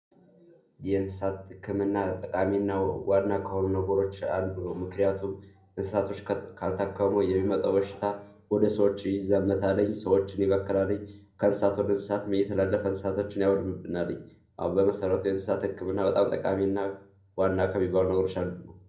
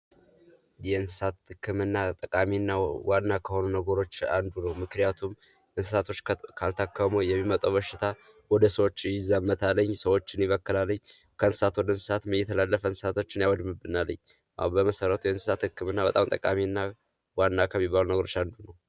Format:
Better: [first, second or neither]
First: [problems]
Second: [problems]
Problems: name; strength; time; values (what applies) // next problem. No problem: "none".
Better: second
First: room echo; dies away in 0.5 s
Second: none